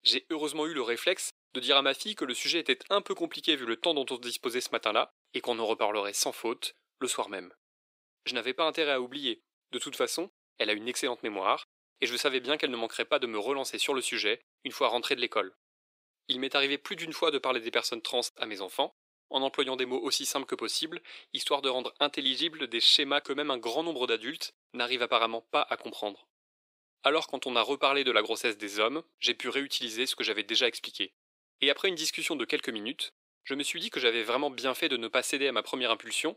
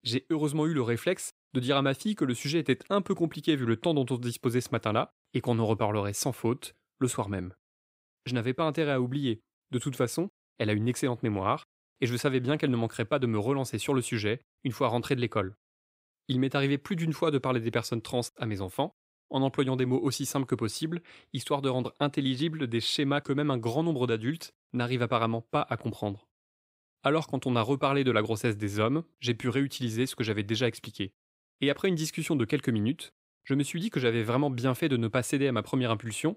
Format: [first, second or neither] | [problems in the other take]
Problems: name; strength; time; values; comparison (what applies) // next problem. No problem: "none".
second | thin; somewhat; fading below 400 Hz